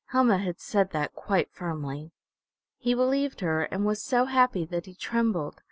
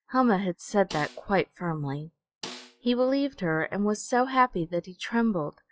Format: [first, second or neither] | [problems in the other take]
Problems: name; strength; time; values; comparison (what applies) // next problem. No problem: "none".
first | noise reduction (classical method log-MMSE)